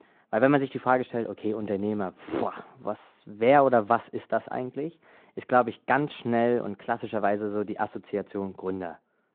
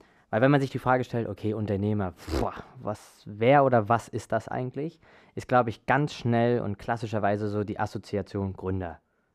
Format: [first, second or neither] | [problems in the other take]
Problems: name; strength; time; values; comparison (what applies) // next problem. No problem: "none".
second | phone-call audio